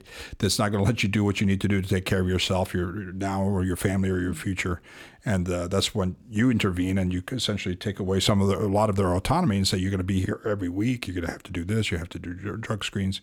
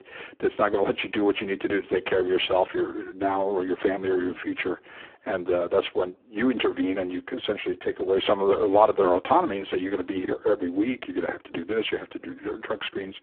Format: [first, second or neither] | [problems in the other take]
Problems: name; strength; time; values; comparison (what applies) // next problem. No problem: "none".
first | phone-call audio; poor line